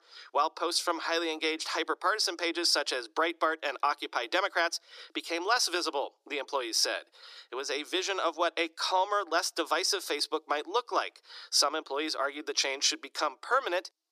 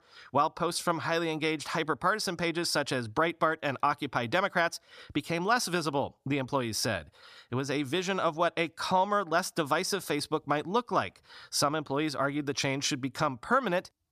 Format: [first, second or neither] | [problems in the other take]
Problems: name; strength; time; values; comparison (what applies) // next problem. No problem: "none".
second | thin; very; fading below 300 Hz